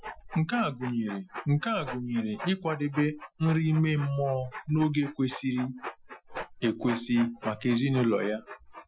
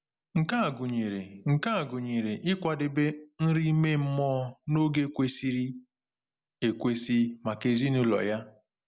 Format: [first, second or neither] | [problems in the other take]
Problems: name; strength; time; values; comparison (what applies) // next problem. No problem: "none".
second | noise reduction (classical method Wiener filter)